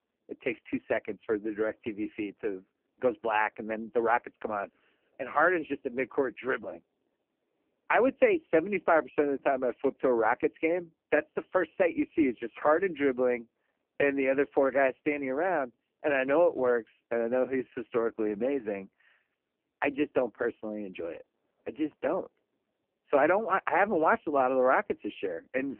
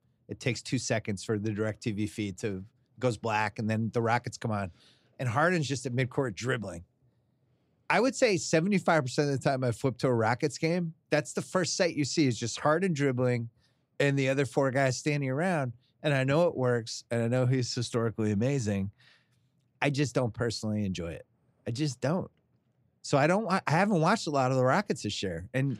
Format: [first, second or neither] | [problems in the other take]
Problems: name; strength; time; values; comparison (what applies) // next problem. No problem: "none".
second | phone-call audio; poor line